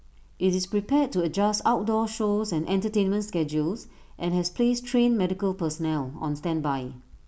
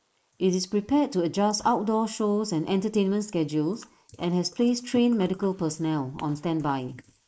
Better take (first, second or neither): first